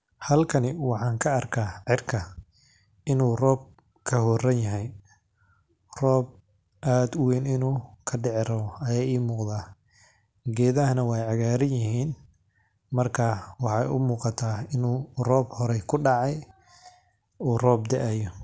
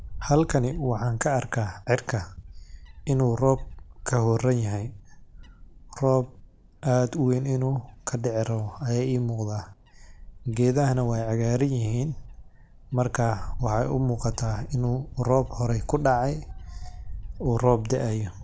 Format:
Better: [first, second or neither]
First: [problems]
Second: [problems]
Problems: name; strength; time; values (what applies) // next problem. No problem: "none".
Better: first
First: none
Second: background sound (Wind / Bird); 13 dB below the speech